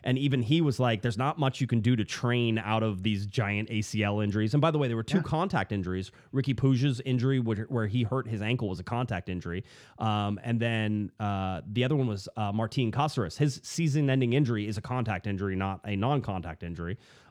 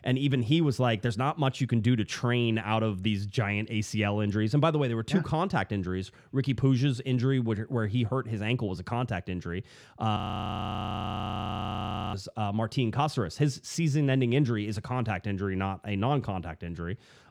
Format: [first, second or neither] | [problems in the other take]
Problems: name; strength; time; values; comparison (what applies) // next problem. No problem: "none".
first | audio freezing; at 10 s for 2 s